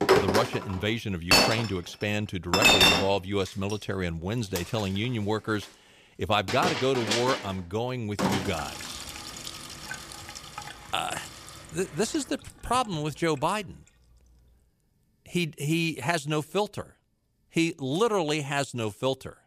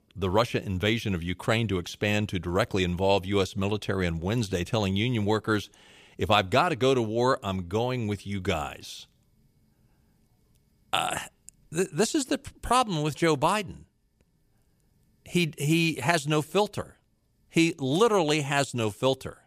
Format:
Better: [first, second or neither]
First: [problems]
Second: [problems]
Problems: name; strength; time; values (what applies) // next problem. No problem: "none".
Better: second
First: household noises; very loud; until 15 s; 4 dB above the speech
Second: none